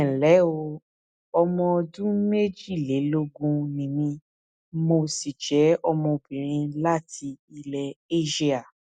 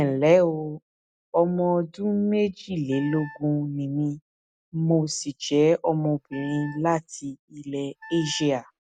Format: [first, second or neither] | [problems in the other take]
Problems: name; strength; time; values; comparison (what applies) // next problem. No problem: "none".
first | background sound (Wind instrument, woodwind instrument); 20 dB below the speech